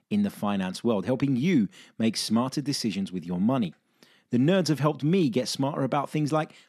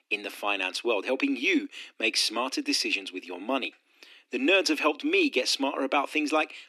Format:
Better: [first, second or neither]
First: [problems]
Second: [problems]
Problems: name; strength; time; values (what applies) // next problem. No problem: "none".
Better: first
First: none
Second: thin; somewhat; fading below 300 Hz